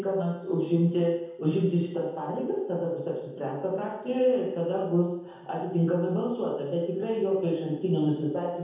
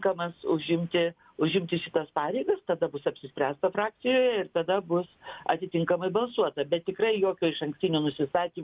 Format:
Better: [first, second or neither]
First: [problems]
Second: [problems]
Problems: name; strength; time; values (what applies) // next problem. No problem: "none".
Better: second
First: room echo; dies away in 0.9 s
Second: none